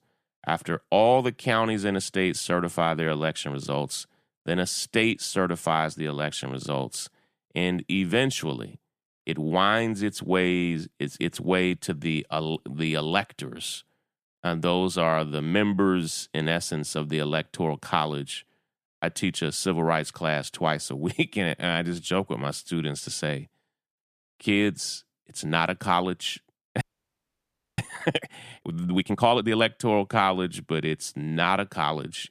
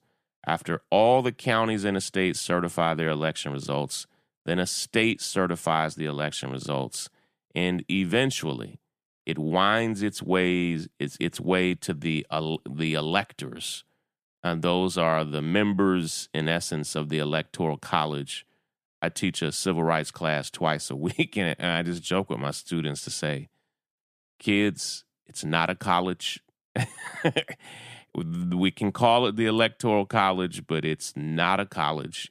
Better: second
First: audio freezing; at 27 s for 1 s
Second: none

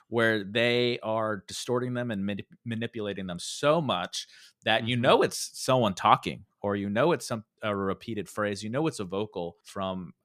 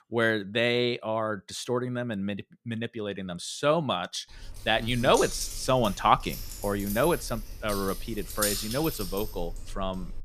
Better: first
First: none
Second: jangling keys; loud; from 4.5 s on; peak level with the speech

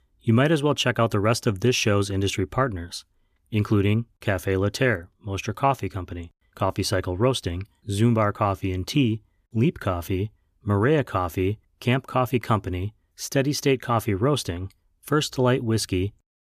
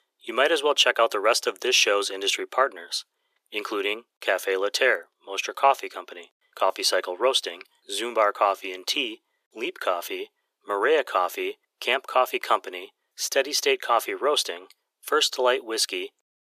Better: first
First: none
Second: thin; very; fading below 450 Hz

